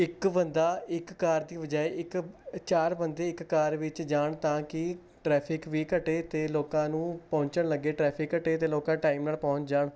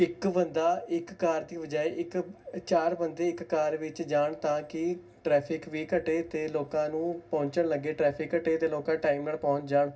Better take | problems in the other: first | room echo; dies away in 0.4 s

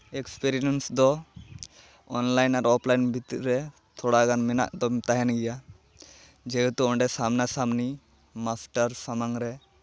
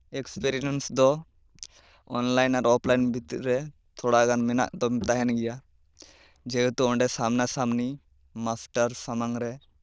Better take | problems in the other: first | noise reduction (neural diffusion model UNIVERSE++)

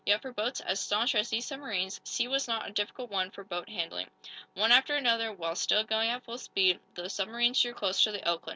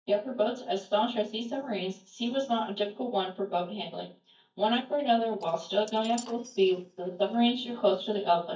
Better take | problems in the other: first | noise reduction (neural mask model DeepFilterNet 3)

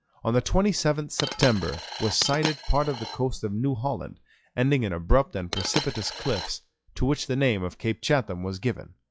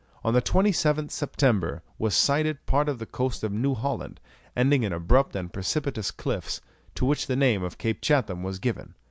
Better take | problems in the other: second | noise reduction (classical method log-MMSE)

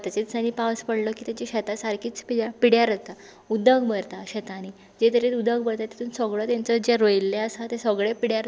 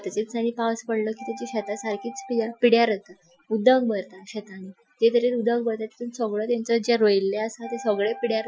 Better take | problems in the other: first | noise reduction (classical method Wiener filter)

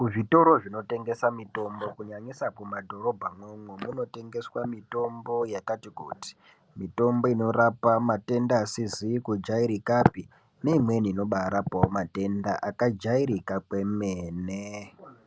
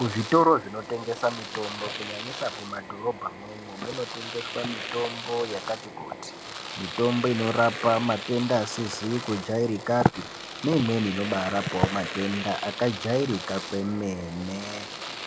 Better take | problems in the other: first | background sound (Domestic sounds, home sounds); 9 dB below the speech

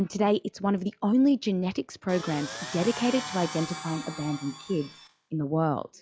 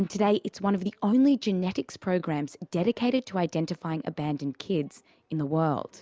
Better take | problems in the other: second | noise reduction (classical method log-MMSE)

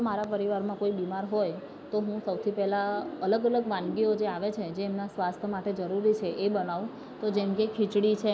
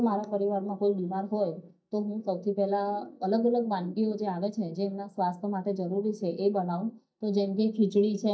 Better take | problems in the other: first | noise reduction (neural mask model DeepFilterNet 3)

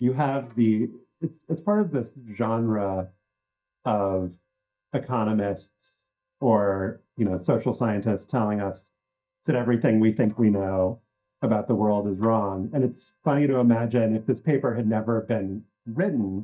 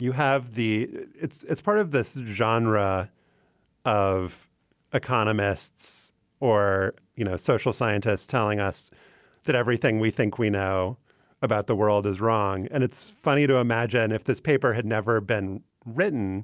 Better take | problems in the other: second | noise reduction (neural mask model DeepFilterNet 3)

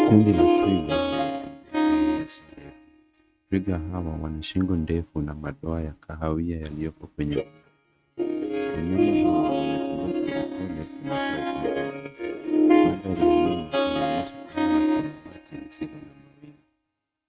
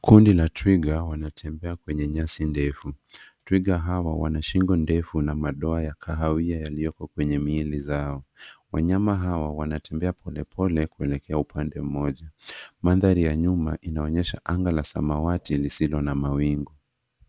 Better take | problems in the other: second | noise reduction (neural mask model RNNoise)

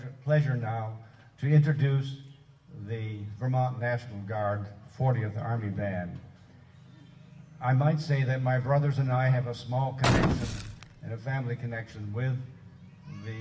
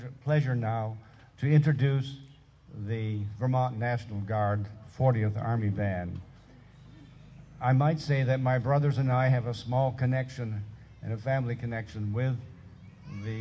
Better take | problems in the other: second | background sound (Boom); 1 dB above the speech // room echo; dies away in 1 s

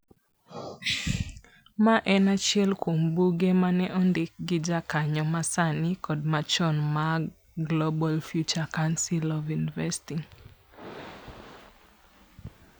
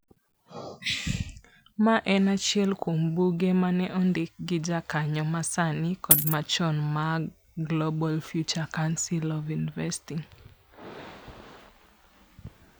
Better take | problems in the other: first | background sound (Coin (dropping)); 5 dB above the speech

